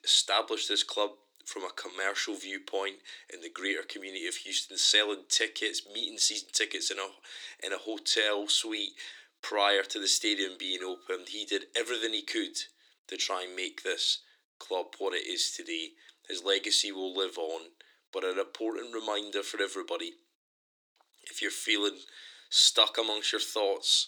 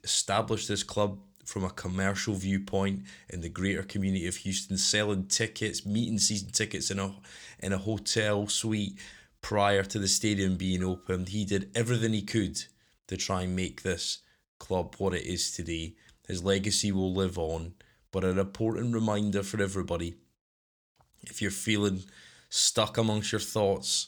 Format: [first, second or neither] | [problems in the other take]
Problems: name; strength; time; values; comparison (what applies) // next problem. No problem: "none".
second | thin; very; fading below 300 Hz